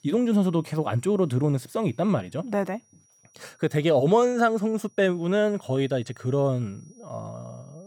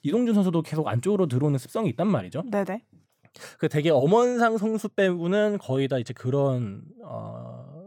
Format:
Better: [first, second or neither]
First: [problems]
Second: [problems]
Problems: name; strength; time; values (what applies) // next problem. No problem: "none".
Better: second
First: high-pitched whine; faint; throughout; 5.5 kHz, 35 dB below the speech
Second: none